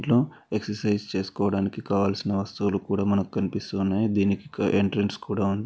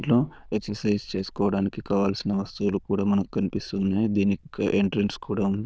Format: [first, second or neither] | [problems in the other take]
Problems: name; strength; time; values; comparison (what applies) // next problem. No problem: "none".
first | noise reduction (neural diffusion model UNIVERSE++)